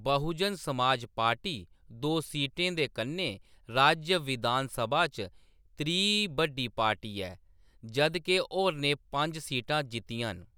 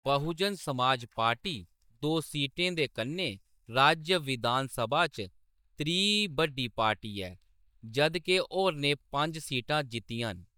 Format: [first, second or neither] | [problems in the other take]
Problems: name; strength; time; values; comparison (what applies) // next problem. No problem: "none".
first | noise reduction (neural mask model DeepFilterNet 3)